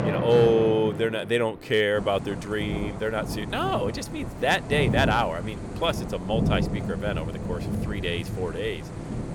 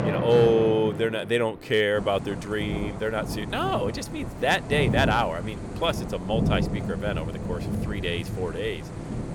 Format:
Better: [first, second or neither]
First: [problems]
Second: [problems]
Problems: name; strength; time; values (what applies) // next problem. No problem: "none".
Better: neither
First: rain or running water; loud; throughout; 5 dB below the speech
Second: rain or running water; loud; throughout; 5 dB below the speech